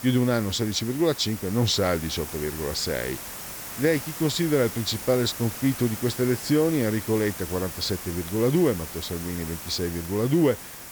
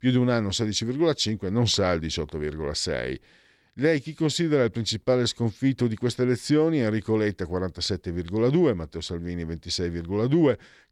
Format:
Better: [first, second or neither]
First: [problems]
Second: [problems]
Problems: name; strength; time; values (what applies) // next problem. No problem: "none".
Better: second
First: hiss; loud; throughout; 10 dB below the speech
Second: none